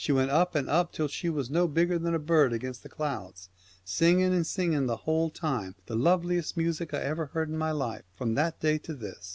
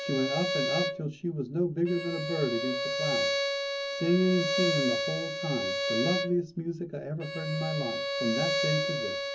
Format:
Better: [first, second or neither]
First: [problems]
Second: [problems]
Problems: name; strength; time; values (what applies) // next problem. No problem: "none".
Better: first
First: none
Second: background sound (Bowed string instrument); as loud as the speech // room echo; dies away in 0.3 s